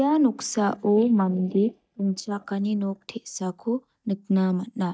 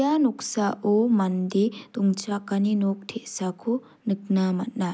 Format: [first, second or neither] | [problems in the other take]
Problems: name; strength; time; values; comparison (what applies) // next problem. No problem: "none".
second | noise reduction (neural mask model DeepFilterNet 3)